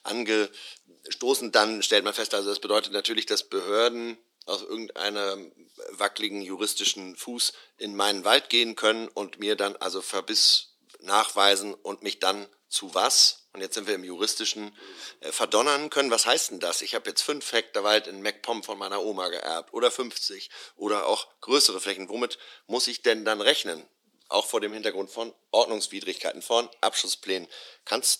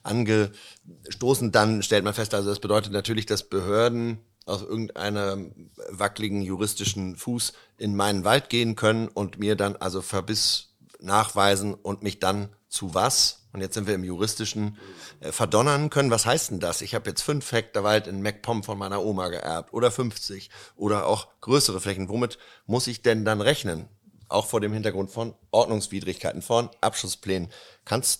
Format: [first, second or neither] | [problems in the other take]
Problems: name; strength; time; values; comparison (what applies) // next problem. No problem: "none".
second | thin; somewhat; fading below 300 Hz